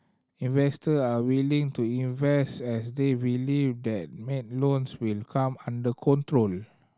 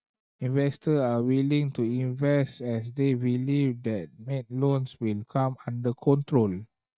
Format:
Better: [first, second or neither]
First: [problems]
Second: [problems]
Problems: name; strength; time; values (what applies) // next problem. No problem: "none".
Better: first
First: none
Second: noise reduction (neural mask model DeepFilterNet 3)